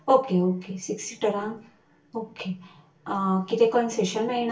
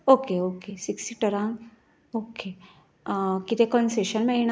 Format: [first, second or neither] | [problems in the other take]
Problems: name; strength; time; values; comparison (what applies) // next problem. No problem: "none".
second | room echo; dies away in 0.2 s